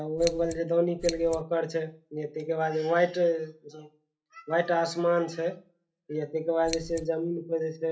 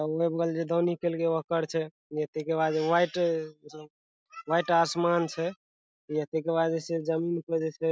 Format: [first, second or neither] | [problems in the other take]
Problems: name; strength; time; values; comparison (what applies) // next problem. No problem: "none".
second | background sound (Scissors); 10 dB below the speech // room echo; dies away in 0.3 s